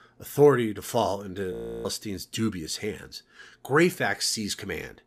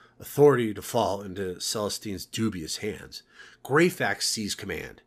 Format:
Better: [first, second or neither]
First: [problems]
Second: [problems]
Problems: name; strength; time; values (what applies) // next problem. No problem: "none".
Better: second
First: audio freezing; at 1.5 s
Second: none